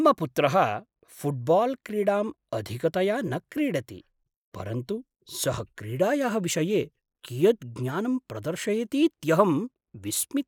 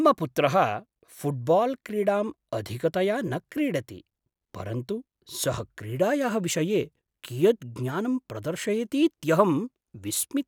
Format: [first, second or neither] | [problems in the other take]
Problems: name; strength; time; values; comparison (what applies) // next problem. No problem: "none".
second | noise reduction (neural mask model Resemble Enhance denoiser)